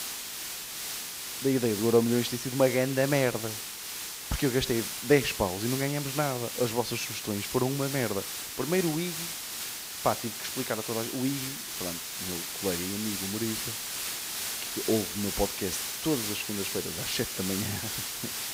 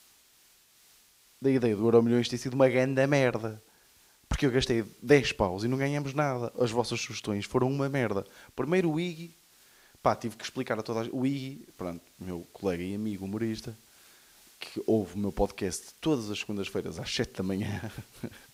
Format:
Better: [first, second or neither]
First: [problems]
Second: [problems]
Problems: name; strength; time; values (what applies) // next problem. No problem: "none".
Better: second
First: hiss; loud; throughout; 3 dB below the speech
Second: hiss; faint; throughout; 30 dB below the speech